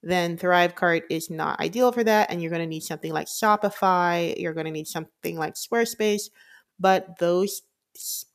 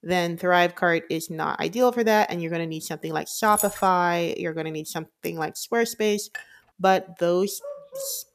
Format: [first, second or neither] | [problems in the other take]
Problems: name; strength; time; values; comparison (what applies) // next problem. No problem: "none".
first | jangling keys; noticeable; at 3.5 s; peak 4 dB below the speech // clattering dishes; faint; at 6.5 s; peak 15 dB below the speech // dog barking; faint; at 7.5 s; peak 10 dB below the speech